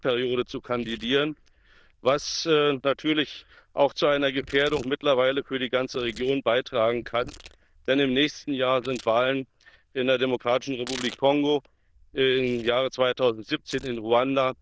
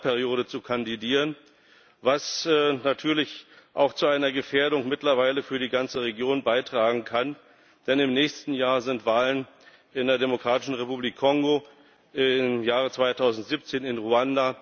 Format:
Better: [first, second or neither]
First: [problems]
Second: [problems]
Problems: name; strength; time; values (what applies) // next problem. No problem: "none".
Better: second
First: noise reduction (neural diffusion model UNIVERSE++)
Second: none